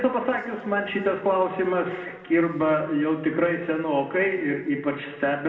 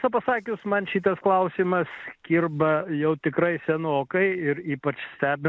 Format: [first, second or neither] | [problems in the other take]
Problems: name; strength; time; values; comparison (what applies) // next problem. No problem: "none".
second | room echo; dies away in 1.7 s